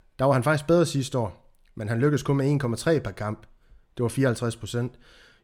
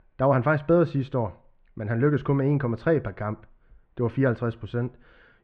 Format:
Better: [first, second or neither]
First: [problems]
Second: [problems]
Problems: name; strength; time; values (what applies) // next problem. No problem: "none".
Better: first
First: none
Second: muffled; very; fading above 2 kHz